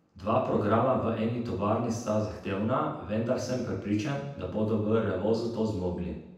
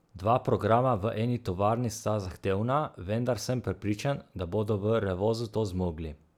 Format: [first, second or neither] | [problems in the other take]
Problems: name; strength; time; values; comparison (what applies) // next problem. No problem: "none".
second | room echo; dies away in 0.9 s